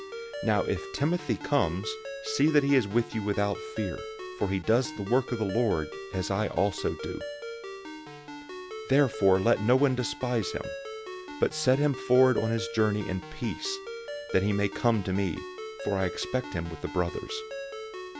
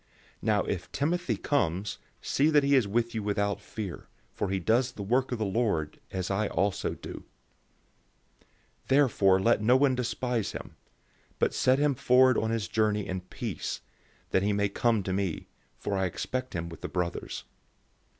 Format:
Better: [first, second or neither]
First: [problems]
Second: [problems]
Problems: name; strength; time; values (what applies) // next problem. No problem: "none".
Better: second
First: background sound (Ringtone); 11 dB below the speech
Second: none